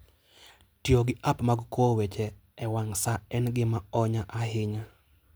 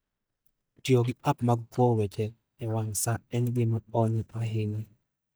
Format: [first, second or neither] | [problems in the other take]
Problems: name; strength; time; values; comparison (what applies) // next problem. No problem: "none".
first | noise reduction (neural mask model DeepFilterNet 3)